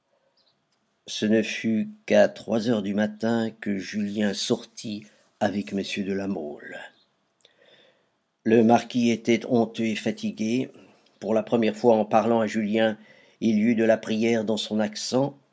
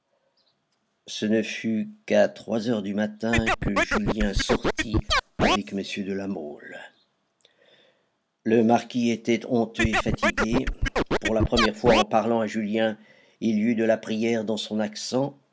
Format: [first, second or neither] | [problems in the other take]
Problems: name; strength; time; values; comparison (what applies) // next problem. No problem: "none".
first | background sound (Scratching (performance technique)); 2 dB above the speech